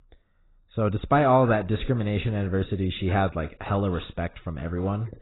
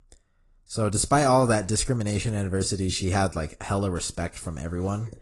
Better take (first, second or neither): second